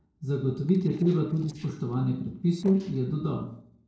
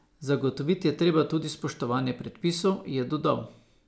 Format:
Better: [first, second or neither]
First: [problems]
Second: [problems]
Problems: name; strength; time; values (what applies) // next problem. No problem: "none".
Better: second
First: noise reduction (neural separator model SepFormer DNS4)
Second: none